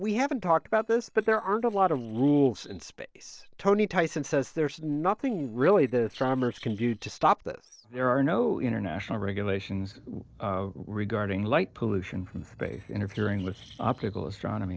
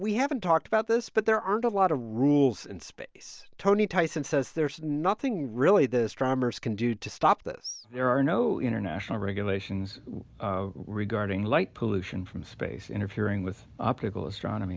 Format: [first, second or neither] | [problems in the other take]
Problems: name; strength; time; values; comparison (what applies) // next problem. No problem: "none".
second | noise reduction (neural separator model SepFormer DNS4)